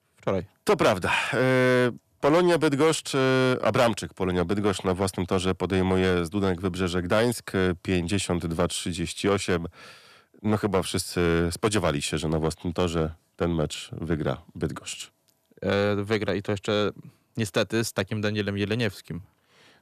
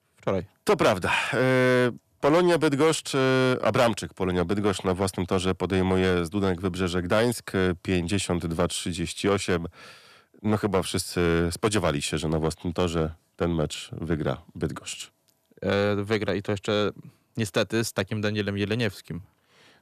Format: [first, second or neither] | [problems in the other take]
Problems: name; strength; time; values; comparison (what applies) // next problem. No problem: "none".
neither | distortion; slight; 4% of the sound clipped; the same in both